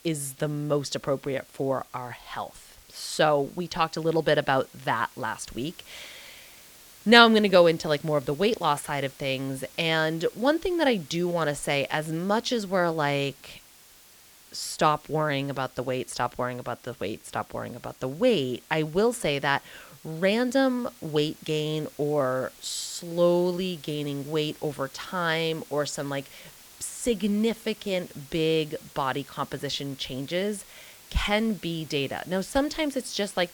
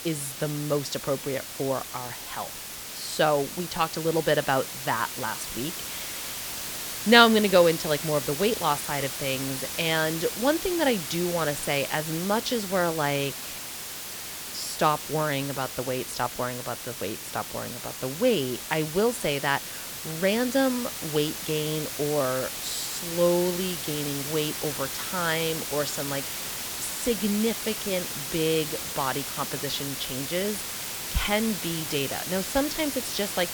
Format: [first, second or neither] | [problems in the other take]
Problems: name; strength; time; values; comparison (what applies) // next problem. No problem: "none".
first | hiss; loud; throughout; 5 dB below the speech; faint in the first